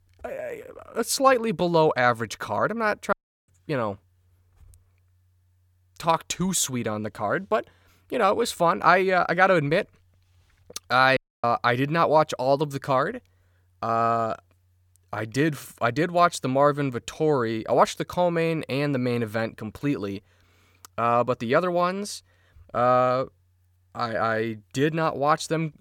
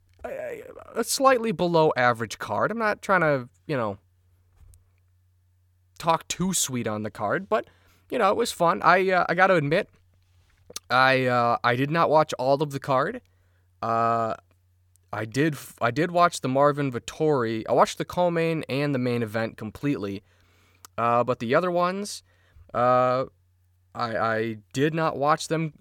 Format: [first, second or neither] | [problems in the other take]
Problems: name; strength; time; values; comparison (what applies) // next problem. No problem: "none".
second | audio cutting out; at 3 s and at 11 s